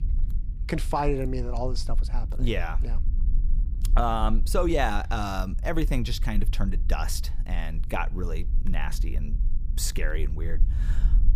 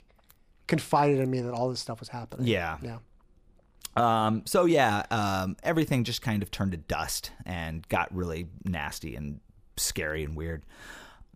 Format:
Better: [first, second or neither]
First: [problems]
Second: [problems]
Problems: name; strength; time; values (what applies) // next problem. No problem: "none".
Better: second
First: low rumble; faint; throughout; 20 dB below the speech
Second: none